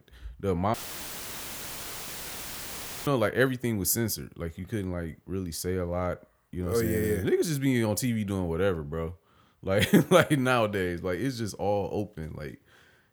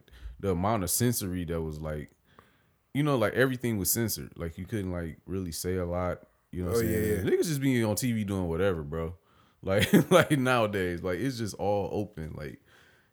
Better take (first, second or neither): second